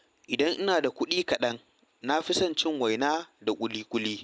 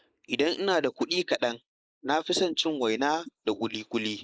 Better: first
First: none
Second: noise reduction (neural mask model Resemble Enhance denoiser)

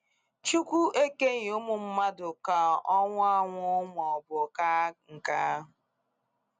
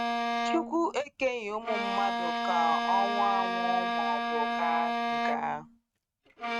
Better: first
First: none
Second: noise reduction (neural mask model RNNoise)

